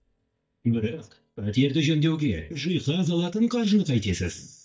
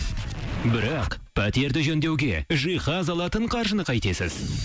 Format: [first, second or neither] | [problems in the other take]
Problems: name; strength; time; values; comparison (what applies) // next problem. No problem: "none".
second | noise reduction (neural mask model DeepFilterNet 3)